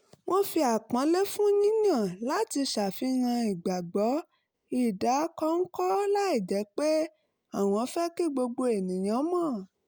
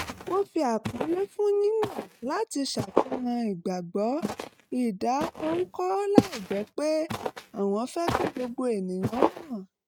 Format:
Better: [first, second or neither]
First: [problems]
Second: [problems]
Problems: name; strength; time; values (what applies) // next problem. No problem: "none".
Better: first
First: none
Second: noise reduction (neural mask model RNNoise)